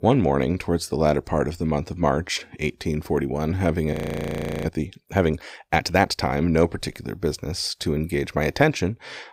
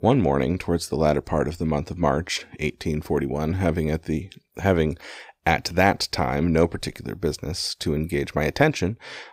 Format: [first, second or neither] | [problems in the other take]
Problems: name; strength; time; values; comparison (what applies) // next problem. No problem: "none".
second | audio freezing; at 4 s for 0.5 s